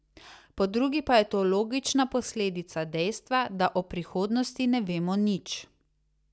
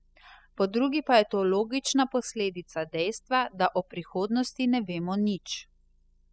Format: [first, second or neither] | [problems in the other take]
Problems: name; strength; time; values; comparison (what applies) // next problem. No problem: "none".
first | noise reduction (classical method spectral subtraction)